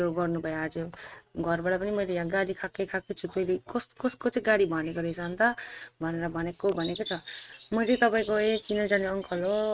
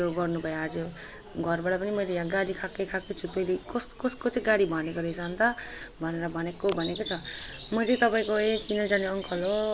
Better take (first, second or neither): second